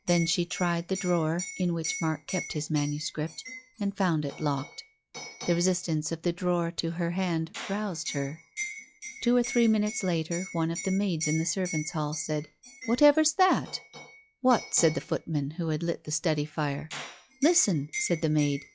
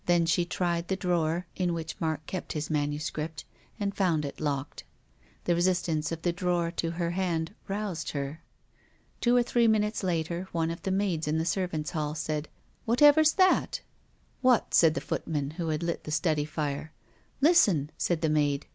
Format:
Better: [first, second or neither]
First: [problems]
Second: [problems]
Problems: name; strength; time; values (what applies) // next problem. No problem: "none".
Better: second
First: noise reduction (classical method log-MMSE)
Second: none